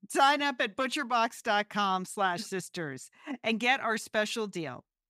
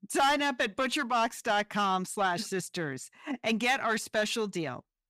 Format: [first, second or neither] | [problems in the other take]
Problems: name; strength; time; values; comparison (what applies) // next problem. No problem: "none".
first | distortion; slight; 10 dB below the speech